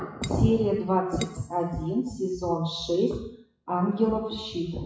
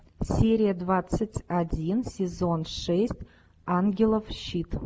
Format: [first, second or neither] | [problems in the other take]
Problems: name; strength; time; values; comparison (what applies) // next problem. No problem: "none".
second | noise reduction (classical method WPE with log-MMSE)